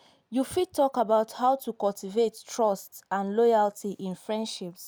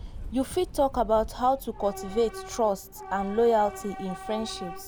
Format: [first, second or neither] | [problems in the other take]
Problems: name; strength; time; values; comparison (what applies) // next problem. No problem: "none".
first | background sound (Subway, metro, underground / Train); 12 dB below the speech